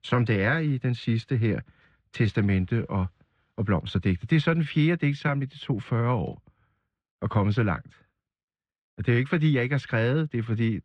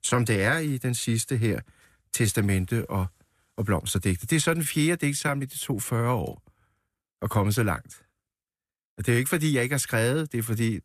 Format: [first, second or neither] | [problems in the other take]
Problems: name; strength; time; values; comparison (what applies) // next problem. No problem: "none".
second | muffled; slightly; fading above 3.5 kHz